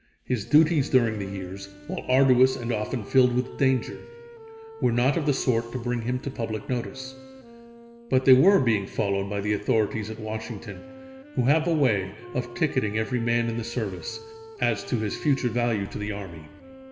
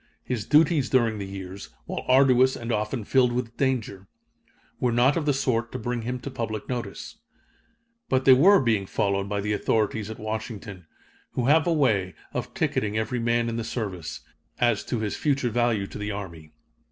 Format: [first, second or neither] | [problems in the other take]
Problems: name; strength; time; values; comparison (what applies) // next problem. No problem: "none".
second | background sound (Wind instrument, woodwind instrument); 18 dB below the speech // room echo; dies away in 1.7 s